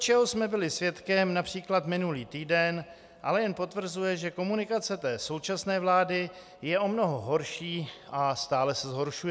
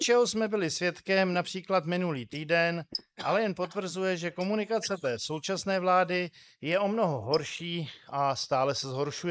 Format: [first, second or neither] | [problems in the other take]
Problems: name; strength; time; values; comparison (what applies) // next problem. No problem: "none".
first | noise reduction (neural mask model Resemble Enhance denoiser)